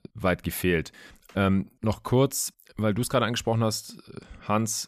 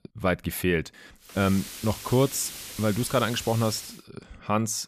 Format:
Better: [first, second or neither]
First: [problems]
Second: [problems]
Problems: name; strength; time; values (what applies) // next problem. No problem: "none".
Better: first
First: none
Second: hiss; noticeable; from 1.5 to 4 s; 10 dB below the speech